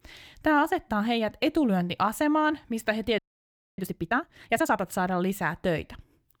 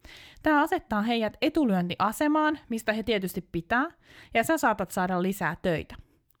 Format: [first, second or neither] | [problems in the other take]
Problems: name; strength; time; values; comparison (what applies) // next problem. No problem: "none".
second | audio freezing; at 3 s for 0.5 s